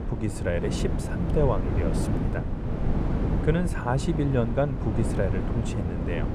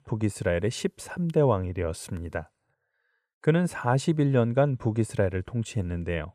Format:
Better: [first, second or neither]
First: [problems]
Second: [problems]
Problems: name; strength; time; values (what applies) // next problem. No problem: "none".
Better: second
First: wind noise on the microphone; heavy; 5 dB below the speech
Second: none